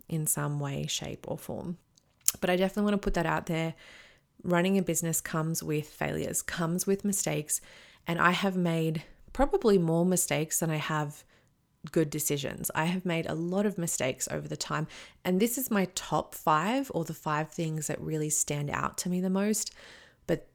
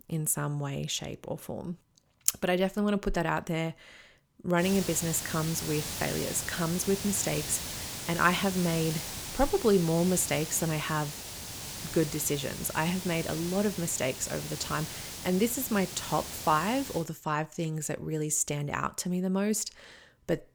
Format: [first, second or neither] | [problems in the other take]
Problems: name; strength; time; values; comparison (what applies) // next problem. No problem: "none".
first | hiss; loud; from 4.5 to 17 s; 7 dB below the speech